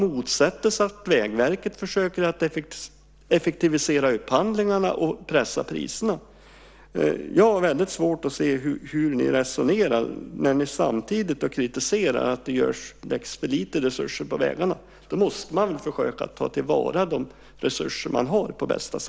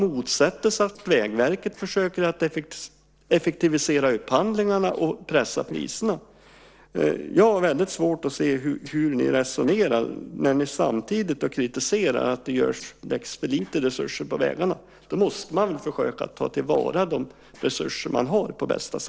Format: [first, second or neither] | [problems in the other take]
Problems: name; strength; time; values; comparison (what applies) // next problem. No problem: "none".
first | noise reduction (neural separator model SepFormer DNS4)